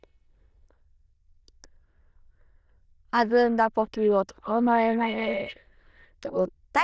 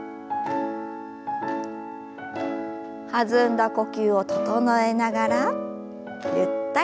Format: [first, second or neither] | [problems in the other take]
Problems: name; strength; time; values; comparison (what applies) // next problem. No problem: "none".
second | noise reduction (neural diffusion model UNIVERSE++)